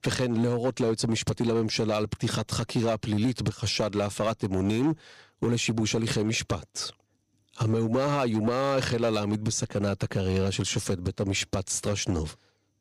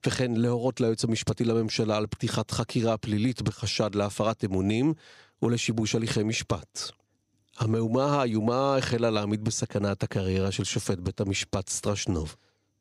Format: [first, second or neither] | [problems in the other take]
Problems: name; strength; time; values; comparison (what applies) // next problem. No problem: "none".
second | distortion; slight; 6% of the sound clipped